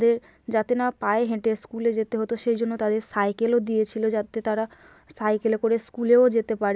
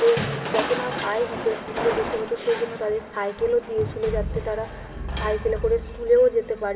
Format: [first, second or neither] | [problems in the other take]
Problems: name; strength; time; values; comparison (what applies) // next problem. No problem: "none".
first | background sound (Crushing); 7 dB below the speech // room echo; dies away in 1.7 s